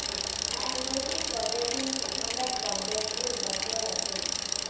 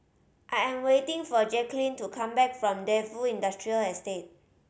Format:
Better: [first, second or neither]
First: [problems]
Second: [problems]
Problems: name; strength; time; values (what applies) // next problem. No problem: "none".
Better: second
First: background sound (Bicycle); 5 dB above the speech // room echo; dies away in 1 s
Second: none